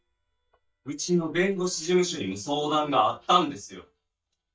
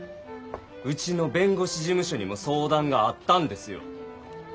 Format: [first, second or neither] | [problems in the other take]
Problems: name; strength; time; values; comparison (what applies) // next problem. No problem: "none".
second | noise reduction (neural mask model DeepFilterNet 3)